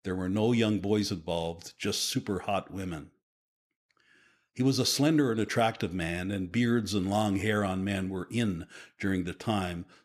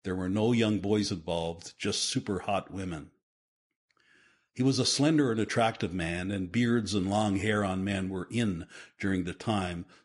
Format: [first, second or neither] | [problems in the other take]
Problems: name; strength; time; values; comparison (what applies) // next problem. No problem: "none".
first | garbled, watery; slightly; nothing above 10.5 kHz